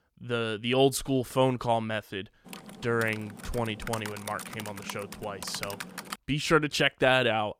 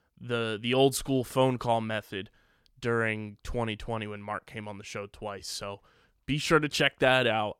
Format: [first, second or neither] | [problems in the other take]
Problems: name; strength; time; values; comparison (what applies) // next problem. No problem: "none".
second | keyboard typing; noticeable; from 2.5 to 6 s; peak 9 dB below the speech